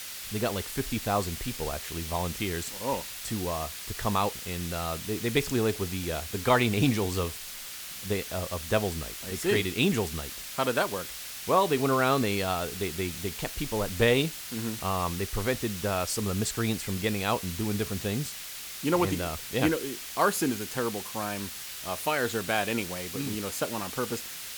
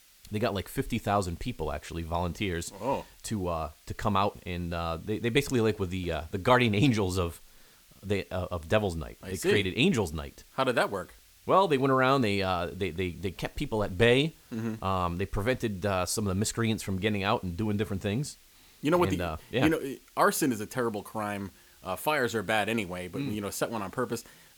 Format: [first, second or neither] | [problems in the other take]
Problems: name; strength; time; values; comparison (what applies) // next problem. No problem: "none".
second | hiss; loud; throughout; 7 dB below the speech; faint in the second